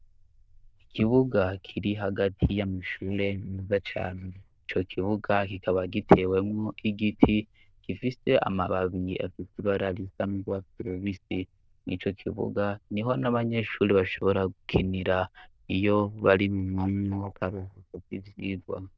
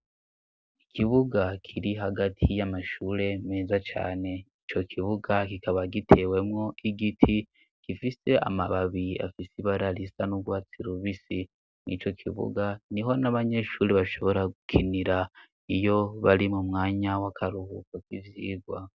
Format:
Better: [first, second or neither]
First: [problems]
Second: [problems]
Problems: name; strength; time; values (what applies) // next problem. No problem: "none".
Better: second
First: noise reduction (neural diffusion model UNIVERSE++)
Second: none